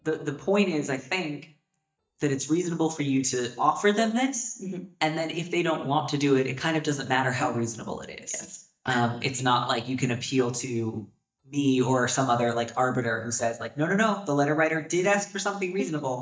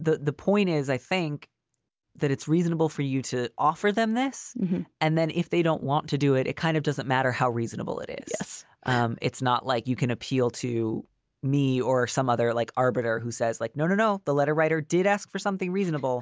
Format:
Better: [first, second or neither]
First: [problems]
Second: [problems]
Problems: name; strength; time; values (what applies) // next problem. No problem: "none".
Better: second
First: noise reduction (neural mask model DeepFilterNet 3)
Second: none